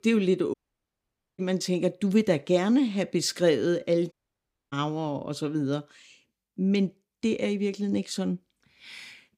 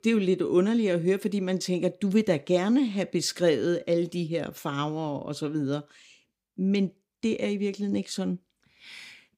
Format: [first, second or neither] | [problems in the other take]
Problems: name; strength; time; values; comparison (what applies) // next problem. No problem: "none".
second | audio cutting out; at 0.5 s for 1 s and at 4 s for 0.5 s